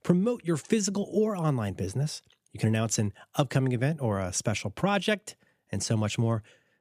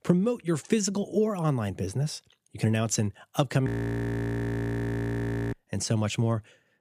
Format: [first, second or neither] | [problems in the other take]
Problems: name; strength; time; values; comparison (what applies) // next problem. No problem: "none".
first | audio freezing; at 3.5 s for 2 s